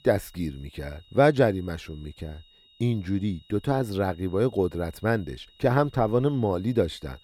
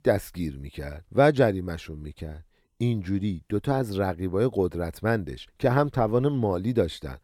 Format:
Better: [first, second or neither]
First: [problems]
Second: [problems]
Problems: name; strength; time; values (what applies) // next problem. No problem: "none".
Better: second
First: high-pitched whine; faint; throughout; 4 kHz, 30 dB below the speech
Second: none